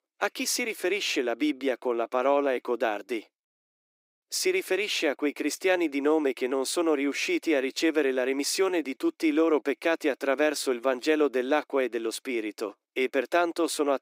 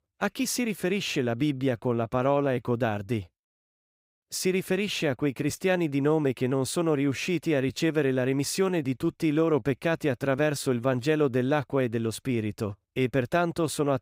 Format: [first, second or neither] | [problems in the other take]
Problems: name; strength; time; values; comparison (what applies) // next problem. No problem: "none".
second | thin; very slightly; fading below 300 Hz